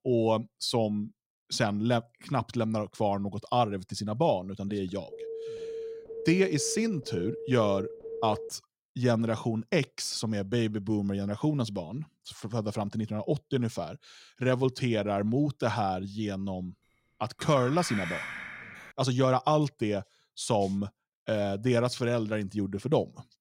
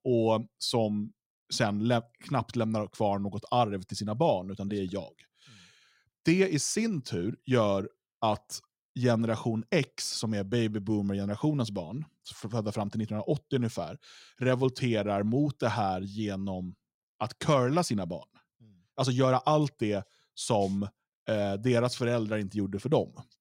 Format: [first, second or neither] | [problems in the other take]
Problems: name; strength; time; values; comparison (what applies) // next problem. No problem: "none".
second | phone ringing; noticeable; from 5 to 8.5 s; peak 8 dB below the speech // clattering dishes; noticeable; from 17 to 19 s; peak 5 dB below the speech